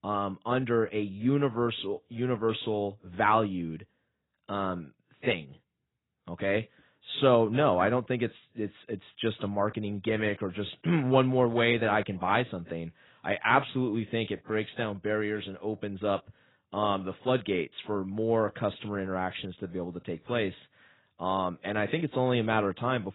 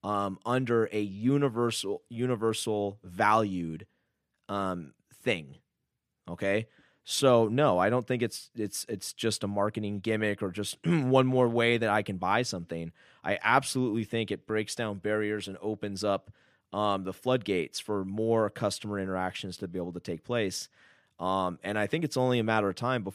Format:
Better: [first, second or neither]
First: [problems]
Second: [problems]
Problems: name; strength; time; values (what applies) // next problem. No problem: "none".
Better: second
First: garbled, watery; badly; nothing above 4 kHz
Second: none